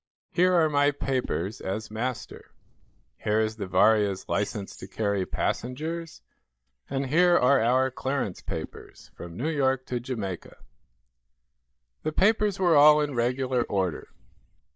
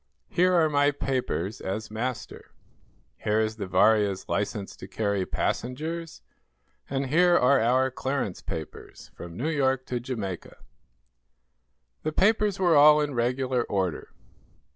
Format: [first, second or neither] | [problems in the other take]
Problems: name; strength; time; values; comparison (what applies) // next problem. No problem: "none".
second | noise reduction (neural mask model DeepFilterNet 3)